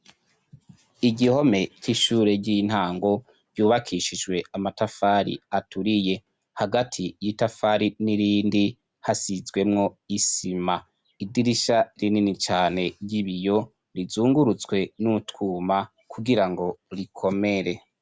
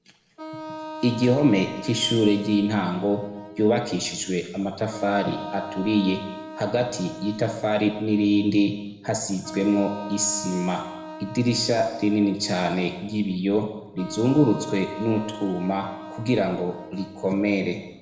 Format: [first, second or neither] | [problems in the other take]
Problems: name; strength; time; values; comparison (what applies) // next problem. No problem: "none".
first | background sound (Wind instrument, woodwind instrument); 14 dB below the speech // room echo; dies away in 0.9 s